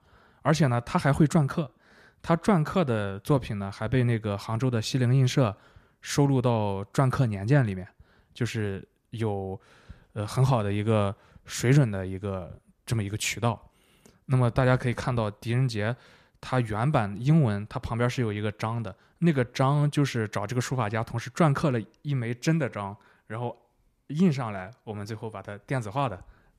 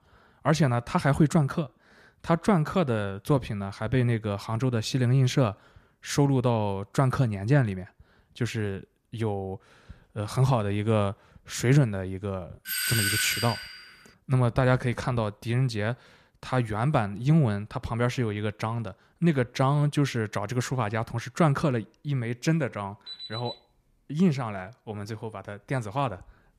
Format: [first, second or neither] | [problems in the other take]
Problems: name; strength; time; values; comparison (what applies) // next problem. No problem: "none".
first | doorbell; loud; from 13 to 14 s; peak 3 dB above the speech // alarm; faint; at 23 s; peak 10 dB below the speech